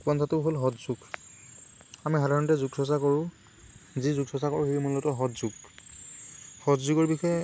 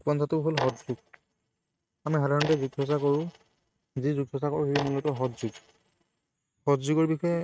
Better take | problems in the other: first | noise reduction (neural mask model RNNoise)

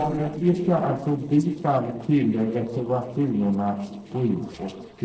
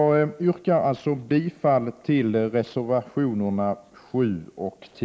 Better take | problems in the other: second | noise reduction (neural separator model SepFormer DNS4)

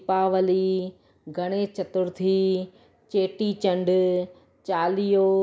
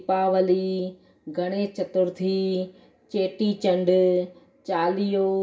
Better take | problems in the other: first | room echo; dies away in 0.2 s

